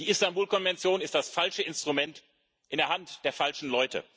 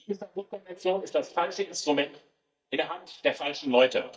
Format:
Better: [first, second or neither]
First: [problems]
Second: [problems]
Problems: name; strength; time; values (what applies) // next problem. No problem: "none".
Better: first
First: none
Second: noise reduction (neural mask model DeepFilterNet 3)